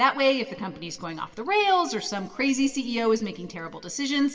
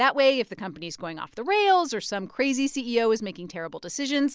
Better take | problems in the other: second | room echo; dies away in 1.3 s

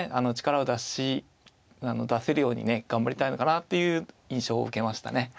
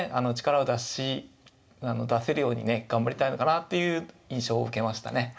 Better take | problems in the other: first | room echo; dies away in 0.4 s

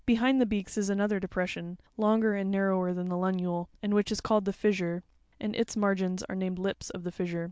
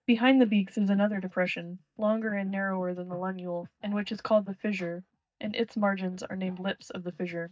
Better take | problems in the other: first | noise reduction (neural mask model DeepFilterNet 3)

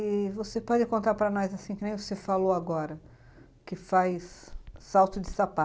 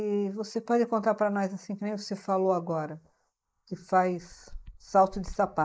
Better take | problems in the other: first | noise reduction (neural mask model Resemble Enhance denoiser)

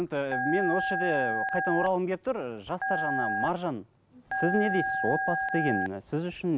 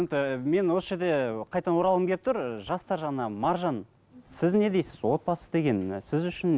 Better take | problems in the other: second | background sound (Telephone); 2 dB below the speech

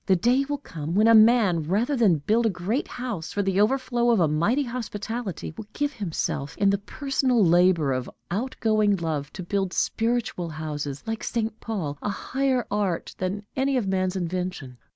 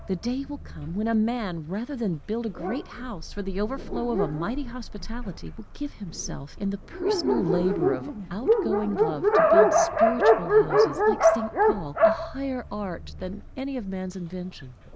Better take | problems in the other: first | background sound (Dog); 5 dB above the speech

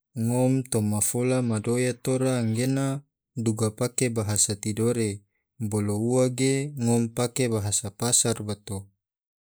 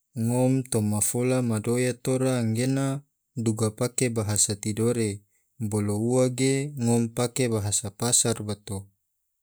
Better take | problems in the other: second | noise reduction (neural mask model Resemble Enhance denoiser)

